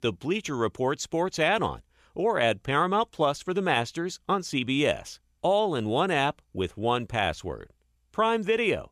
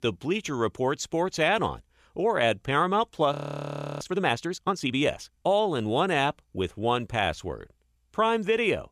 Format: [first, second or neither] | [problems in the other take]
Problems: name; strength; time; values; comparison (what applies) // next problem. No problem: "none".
first | audio freezing; at 3.5 s for 0.5 s